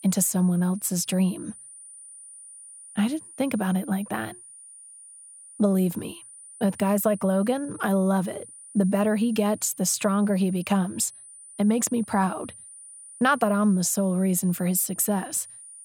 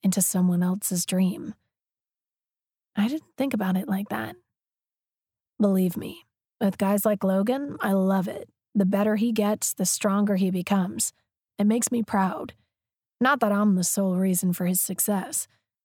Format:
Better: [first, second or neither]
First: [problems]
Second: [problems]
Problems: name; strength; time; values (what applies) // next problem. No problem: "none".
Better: second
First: high-pitched whine; noticeable; throughout; 9.5 kHz, 20 dB below the speech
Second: none